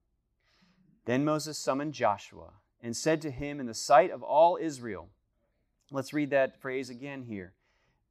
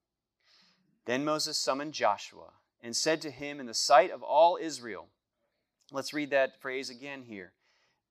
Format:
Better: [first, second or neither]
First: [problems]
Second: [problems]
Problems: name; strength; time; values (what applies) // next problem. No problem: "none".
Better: first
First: none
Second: thin; very slightly; fading below 500 Hz